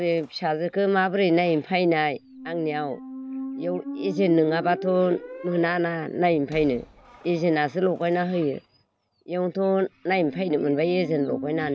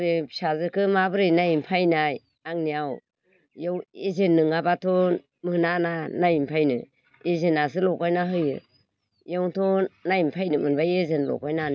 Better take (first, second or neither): second